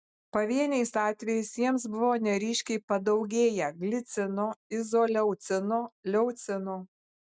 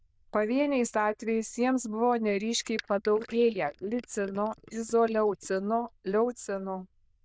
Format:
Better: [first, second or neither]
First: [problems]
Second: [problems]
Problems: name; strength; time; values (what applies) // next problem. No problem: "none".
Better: first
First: none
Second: noise reduction (neural diffusion model UNIVERSE++)